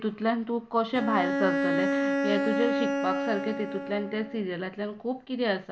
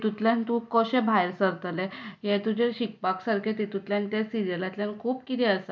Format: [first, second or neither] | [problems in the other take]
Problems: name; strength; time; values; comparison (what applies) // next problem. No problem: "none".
second | background sound (Bowed string instrument); 1 dB below the speech